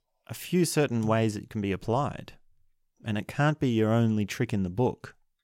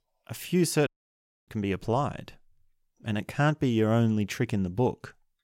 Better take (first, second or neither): first